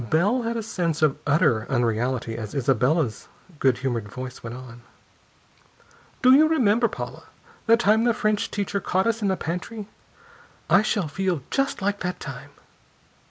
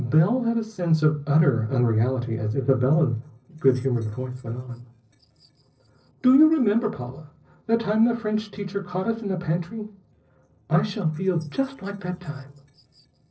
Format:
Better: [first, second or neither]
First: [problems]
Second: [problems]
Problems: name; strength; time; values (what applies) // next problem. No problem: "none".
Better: first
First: none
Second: noise reduction (neural separator model SepFormer DNS4)